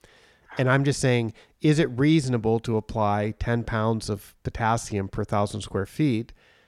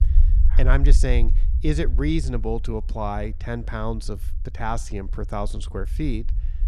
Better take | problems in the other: first | low rumble; noticeable; throughout; 15 dB below the speech

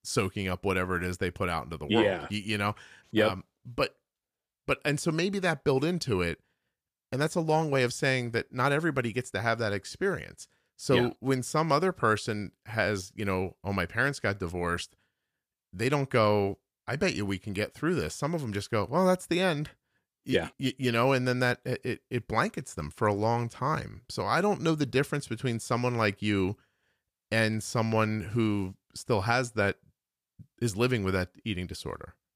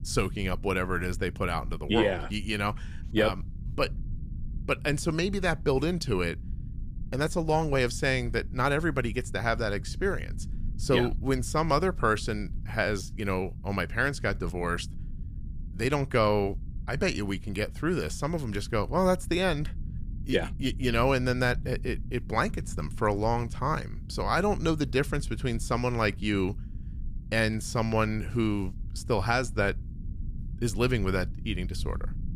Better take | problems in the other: first | low rumble; faint; throughout; 25 dB below the speech

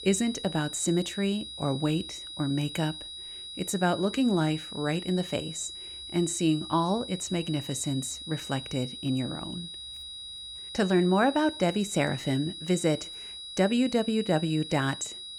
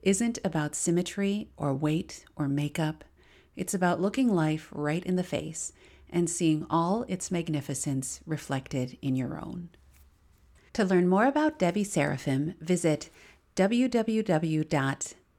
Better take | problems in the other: second | high-pitched whine; loud; throughout; 4 kHz, 10 dB below the speech

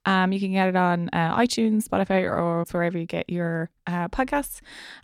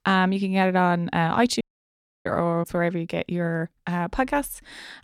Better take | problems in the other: first | audio cutting out; at 1.5 s for 0.5 s

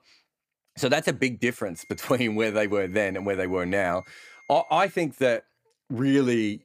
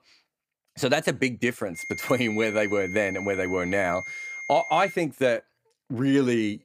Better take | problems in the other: first | high-pitched whine; loud; from 2 to 5 s; 2 kHz, 9 dB below the speech; faint in the first

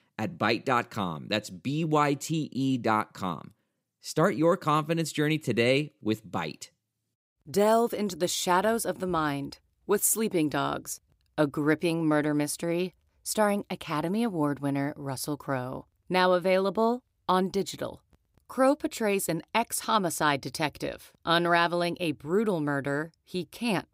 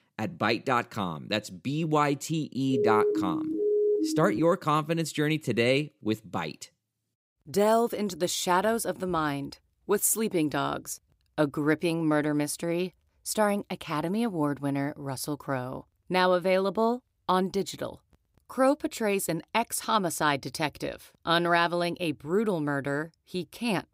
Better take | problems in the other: first | siren; loud; from 2.5 to 4.5 s; peak 3 dB above the speech

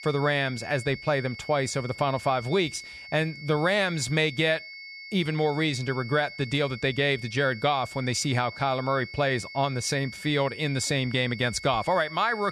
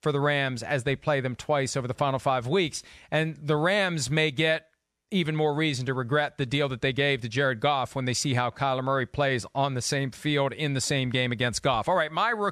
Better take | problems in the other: second | high-pitched whine; noticeable; throughout; 2 kHz, 15 dB below the speech

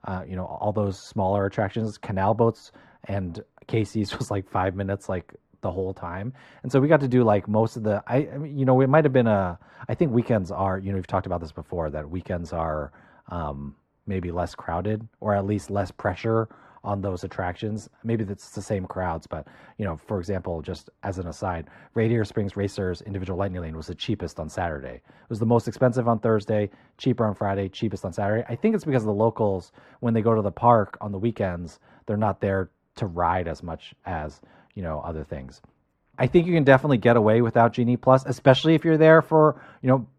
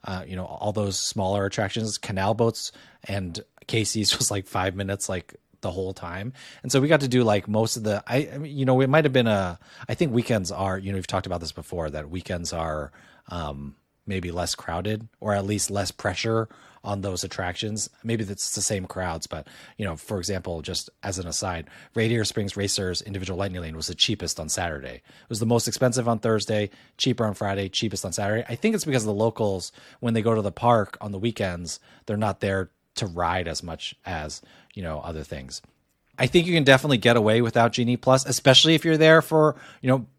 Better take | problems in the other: second | muffled; very; fading above 2.5 kHz

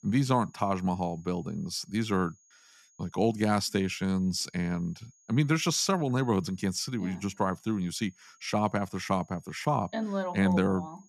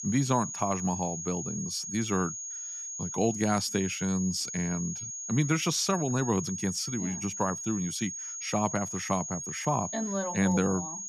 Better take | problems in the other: first | high-pitched whine; loud; throughout; 6.5 kHz, 5 dB below the speech; faint in the first

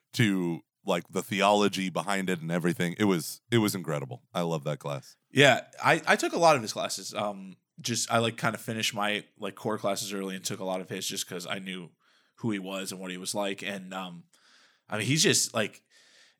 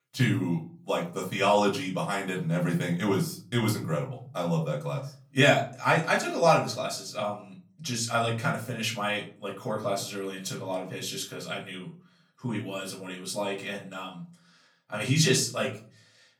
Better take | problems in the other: first | off-mic speech; far // room echo; very slight; dies away in 0.4 s

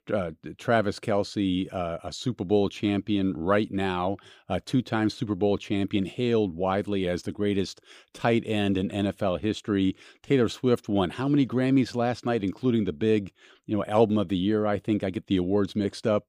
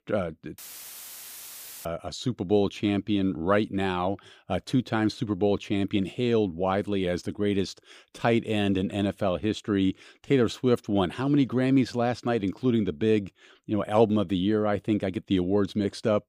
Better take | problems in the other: first | audio cutting out; filled with static; at 0.5 s for 1.5 s

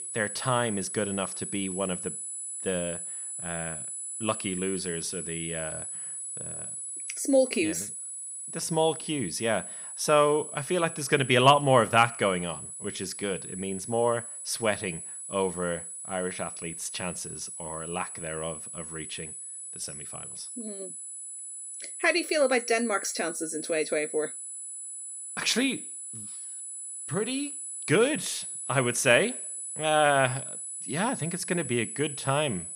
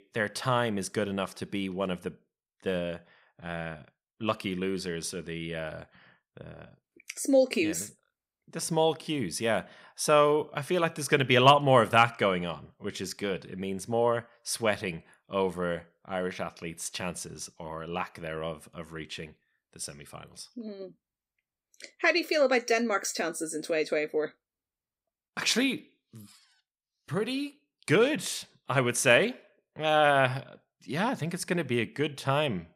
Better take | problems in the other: second | high-pitched whine; loud; throughout; 10 kHz, 7 dB below the speech

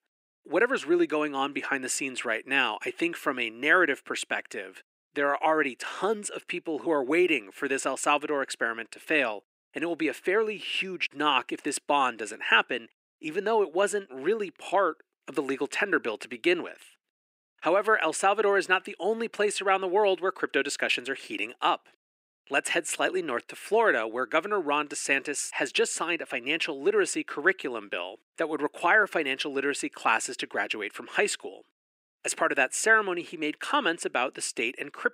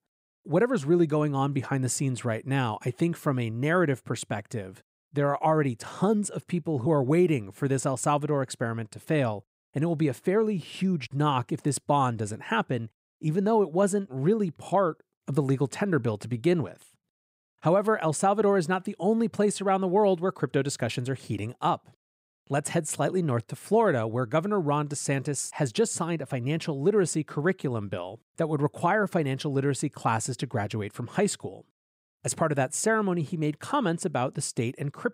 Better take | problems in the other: second | thin; somewhat; fading below 300 Hz

